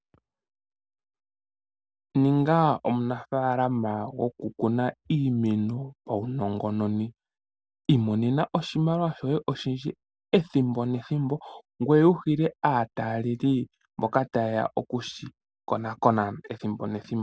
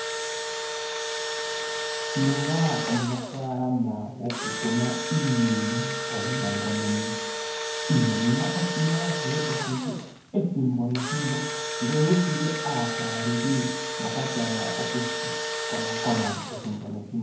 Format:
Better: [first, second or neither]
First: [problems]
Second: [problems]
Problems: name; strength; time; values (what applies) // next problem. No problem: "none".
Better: first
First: none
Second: background sound (Engine / Drill); 3 dB below the speech // room echo; dies away in 0.9 s